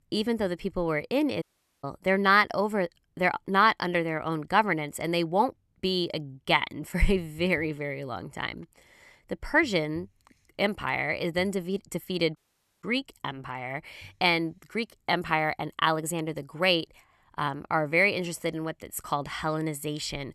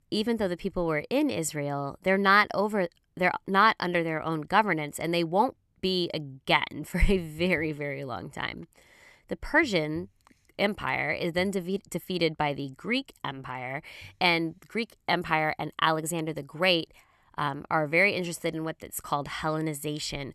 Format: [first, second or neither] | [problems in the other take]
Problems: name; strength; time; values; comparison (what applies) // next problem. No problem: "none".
second | audio cutting out; at 1.5 s and at 12 s